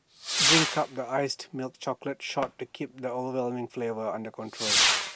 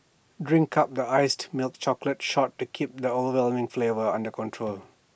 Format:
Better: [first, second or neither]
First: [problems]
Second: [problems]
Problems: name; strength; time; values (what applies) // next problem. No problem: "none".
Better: second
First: background sound (Whoosh, swoosh, swish / Fireworks); 2 dB above the speech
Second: none